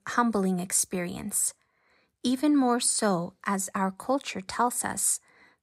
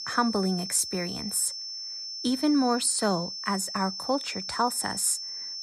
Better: first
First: none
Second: high-pitched whine; loud; throughout; 5.5 kHz, 6 dB below the speech

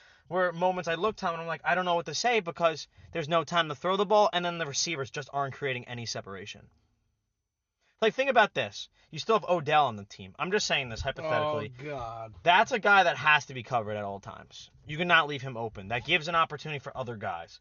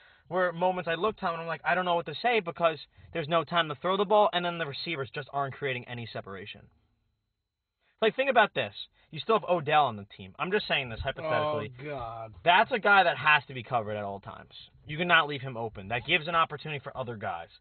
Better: first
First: garbled, watery; slightly; nothing above 6.5 kHz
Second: garbled, watery; badly; nothing above 4 kHz

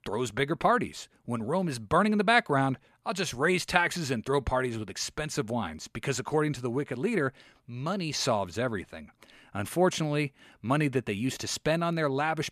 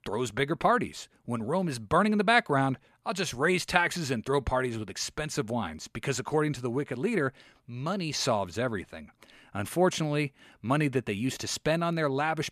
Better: neither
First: none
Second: none

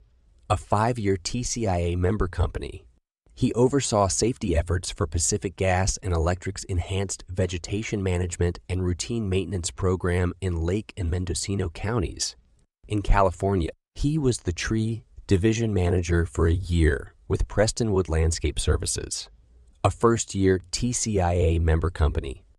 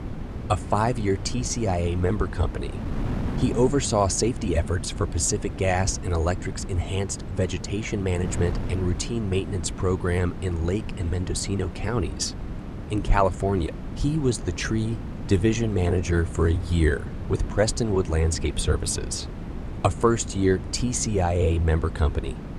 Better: first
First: none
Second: wind noise on the microphone; occasional gusts; 15 dB below the speech

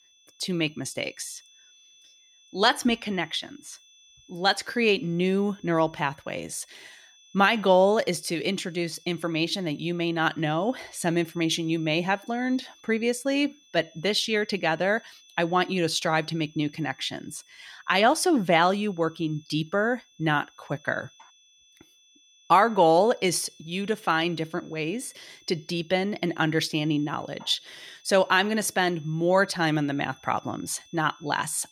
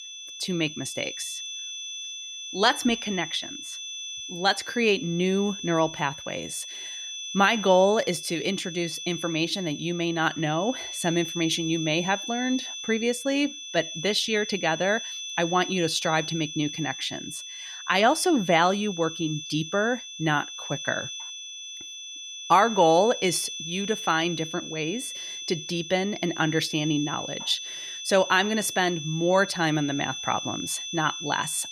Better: first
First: high-pitched whine; faint; throughout; 3.5 kHz, 30 dB below the speech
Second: high-pitched whine; loud; throughout; 3.5 kHz, 8 dB below the speech

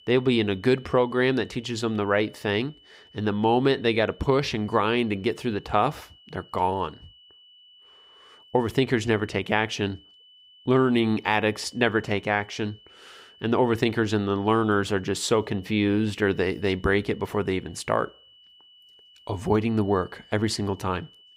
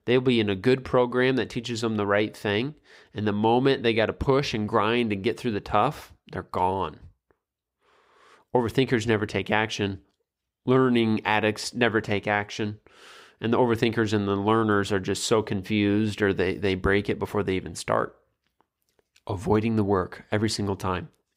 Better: second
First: high-pitched whine; faint; throughout; 3 kHz, 25 dB below the speech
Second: none

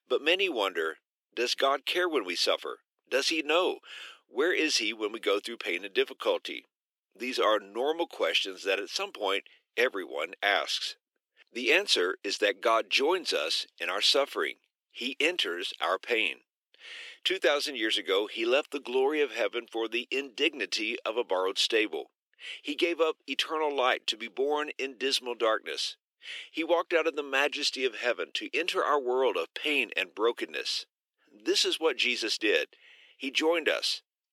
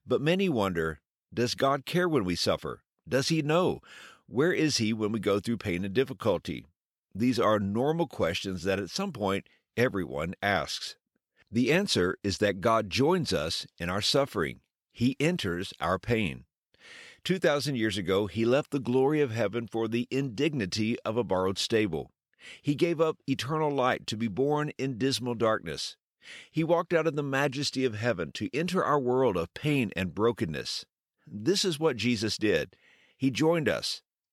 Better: second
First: thin; somewhat; fading below 300 Hz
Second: none

